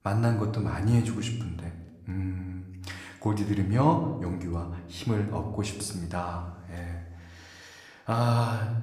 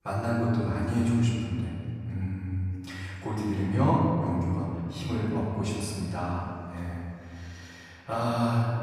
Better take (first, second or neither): first